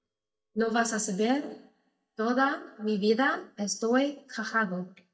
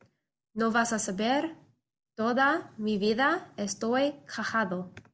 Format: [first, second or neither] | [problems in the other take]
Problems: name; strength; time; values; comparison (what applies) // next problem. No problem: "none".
second | noise reduction (neural mask model DeepFilterNet 3)